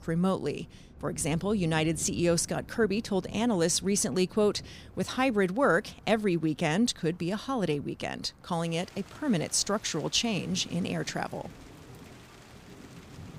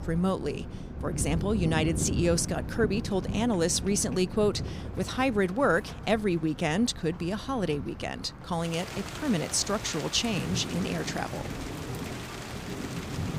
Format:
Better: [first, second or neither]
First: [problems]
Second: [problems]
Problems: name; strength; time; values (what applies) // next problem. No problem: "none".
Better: first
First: rain or running water; faint; throughout; 20 dB below the speech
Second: rain or running water; loud; throughout; 8 dB below the speech